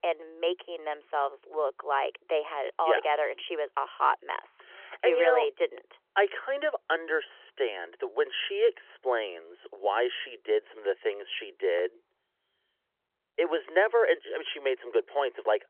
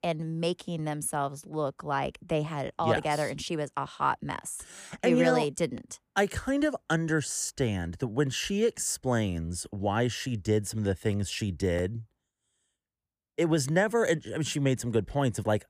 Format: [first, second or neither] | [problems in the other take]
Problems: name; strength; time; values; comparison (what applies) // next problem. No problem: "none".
second | phone-call audio; nothing above 3.5 kHz